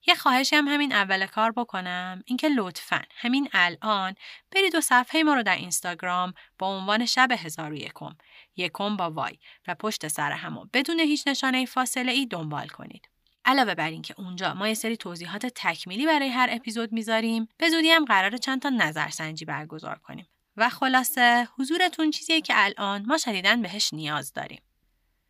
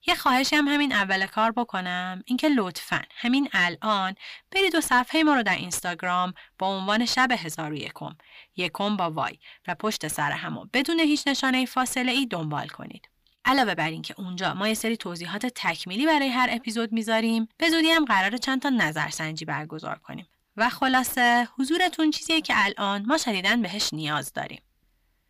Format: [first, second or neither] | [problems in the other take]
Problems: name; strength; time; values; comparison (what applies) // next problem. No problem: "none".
first | distortion; slight; 10 dB below the speech